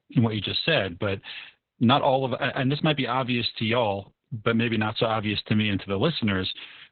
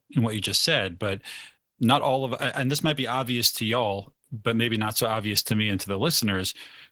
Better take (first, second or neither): second